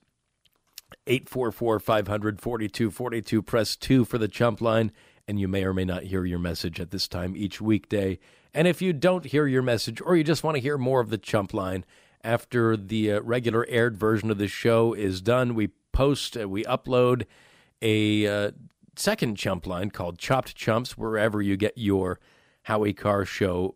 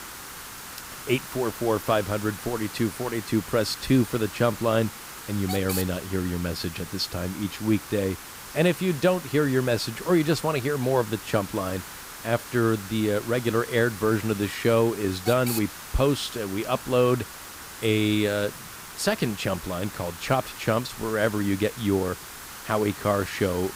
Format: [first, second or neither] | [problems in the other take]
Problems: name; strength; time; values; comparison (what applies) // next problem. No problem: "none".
first | hiss; noticeable; throughout; 10 dB below the speech